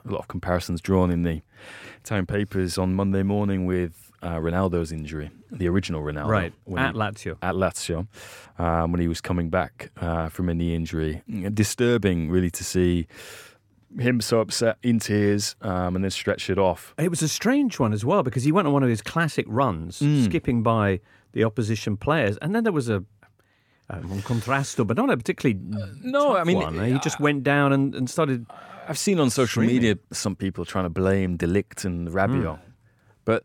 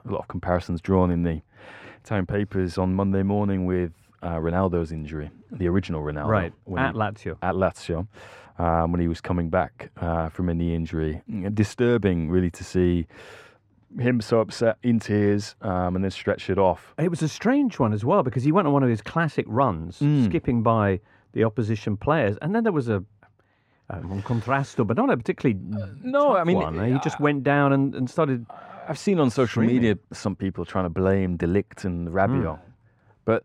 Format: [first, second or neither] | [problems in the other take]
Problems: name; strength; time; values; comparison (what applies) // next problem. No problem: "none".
first | muffled; slightly; fading above 2 kHz